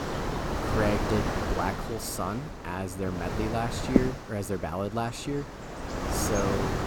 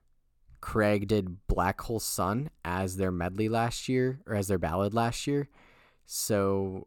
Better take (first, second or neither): second